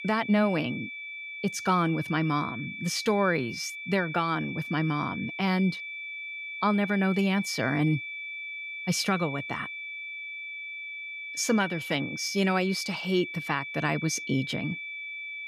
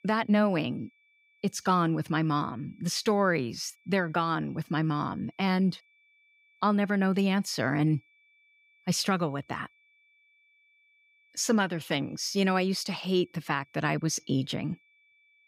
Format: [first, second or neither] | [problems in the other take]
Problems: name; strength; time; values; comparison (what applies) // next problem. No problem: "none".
second | high-pitched whine; loud; throughout; 2.5 kHz, 8 dB below the speech; faint in the second